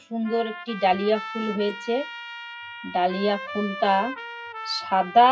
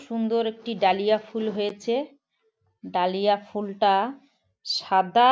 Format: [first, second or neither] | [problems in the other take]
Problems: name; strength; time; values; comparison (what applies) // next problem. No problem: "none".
second | noise reduction (classical method WPE with log-MMSE)